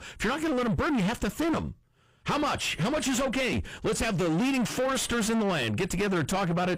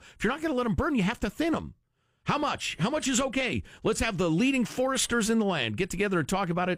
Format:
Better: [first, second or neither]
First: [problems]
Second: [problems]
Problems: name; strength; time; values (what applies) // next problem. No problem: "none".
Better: second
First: distortion; heavy; 6 dB below the speech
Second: none